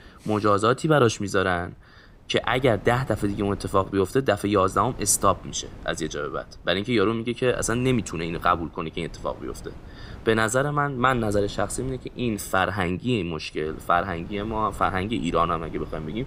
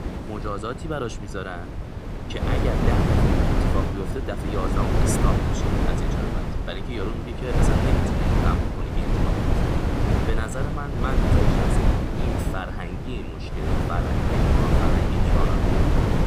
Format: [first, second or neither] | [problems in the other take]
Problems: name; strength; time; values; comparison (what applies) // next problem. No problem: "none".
first | wind noise on the microphone; heavy; 5 dB above the speech; occasional gusts in the first